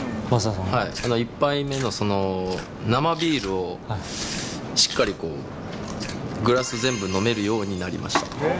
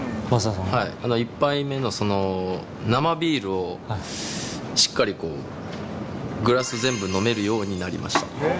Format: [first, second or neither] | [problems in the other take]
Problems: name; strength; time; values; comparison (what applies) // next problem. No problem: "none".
second | background sound (Chewing, mastication); 16 dB below the speech